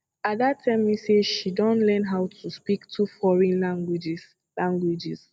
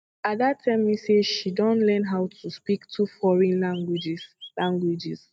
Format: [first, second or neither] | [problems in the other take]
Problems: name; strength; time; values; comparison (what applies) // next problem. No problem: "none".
first | noise reduction (neural mask model RNNoise)